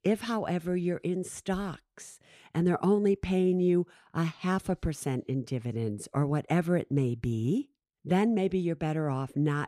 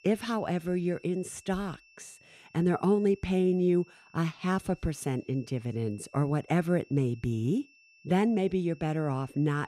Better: first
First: none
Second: high-pitched whine; faint; throughout; 2.5 kHz, 30 dB below the speech

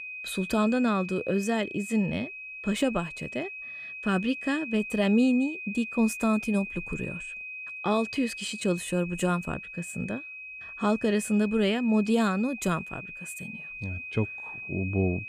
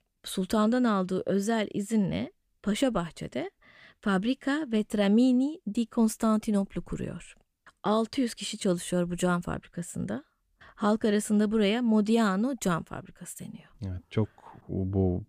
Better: second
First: high-pitched whine; loud; throughout; 2.5 kHz, 9 dB below the speech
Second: none

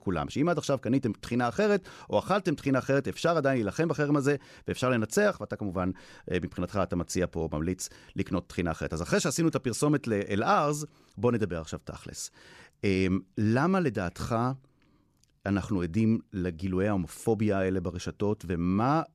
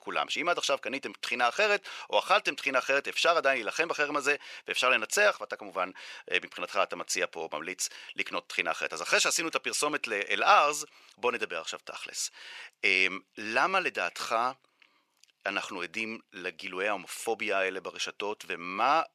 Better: first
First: none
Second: thin; very; fading below 750 Hz

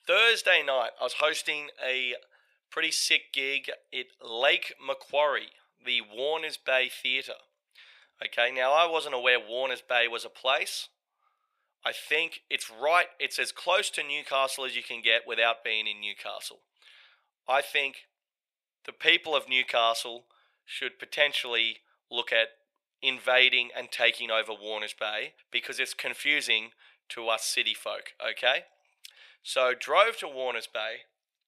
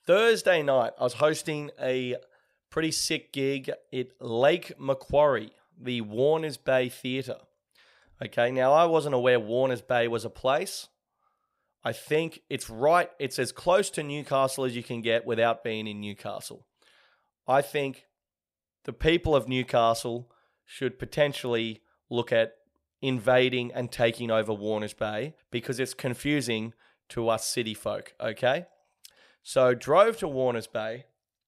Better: second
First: thin; very; fading below 650 Hz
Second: none

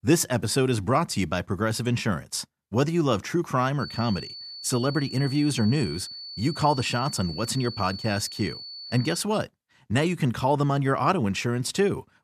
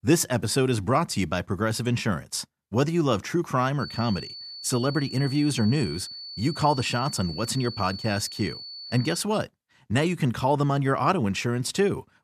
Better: neither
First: high-pitched whine; noticeable; from 4 to 9 s; 4.5 kHz, 10 dB below the speech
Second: high-pitched whine; noticeable; from 4 to 9 s; 4.5 kHz, 10 dB below the speech

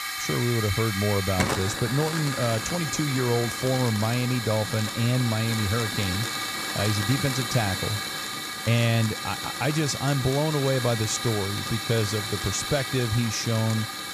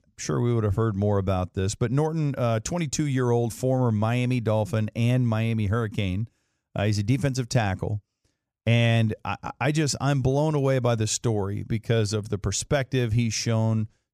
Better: second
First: hiss; loud; throughout; 3 dB below the speech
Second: none

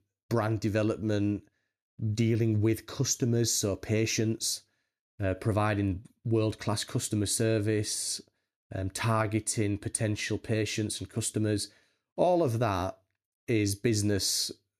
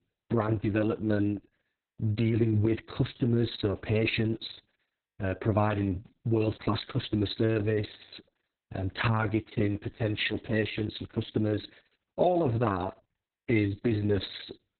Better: first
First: none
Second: garbled, watery; badly; nothing above 4 kHz

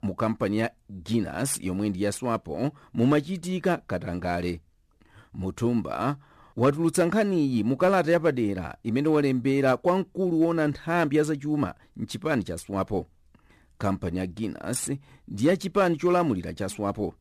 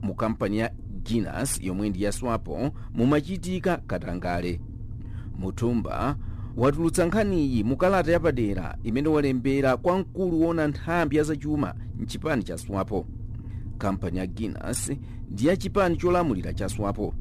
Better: first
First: none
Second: low rumble; faint; throughout; 25 dB below the speech

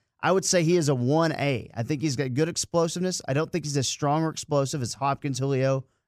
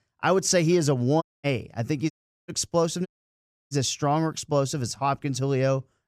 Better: first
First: none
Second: audio cutting out; at 1 s, at 2 s and at 3 s for 0.5 s

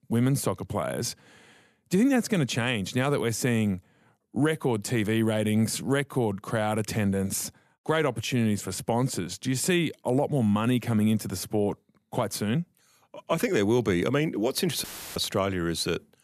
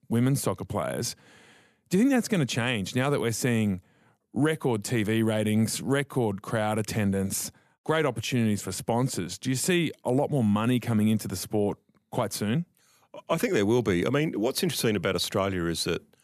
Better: second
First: audio cutting out; filled with static; at 15 s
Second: none

